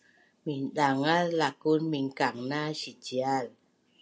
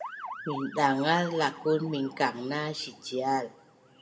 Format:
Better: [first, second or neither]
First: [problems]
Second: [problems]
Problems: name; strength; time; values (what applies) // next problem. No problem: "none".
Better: first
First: none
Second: background sound (Motor vehicle (road) / Siren); 14 dB below the speech // room echo; dies away in 1.4 s